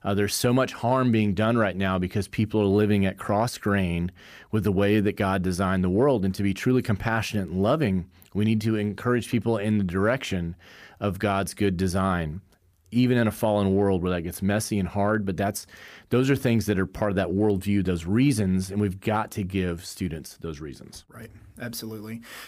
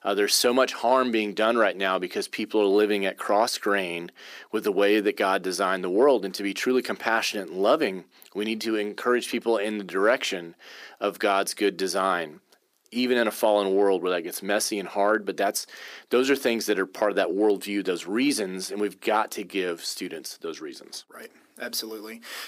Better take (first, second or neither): first